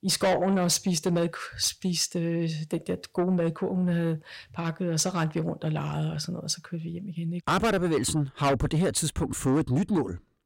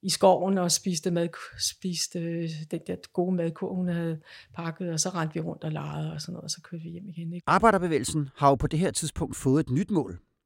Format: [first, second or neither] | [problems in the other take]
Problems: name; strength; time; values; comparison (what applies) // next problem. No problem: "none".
second | distortion; heavy; 6 dB below the speech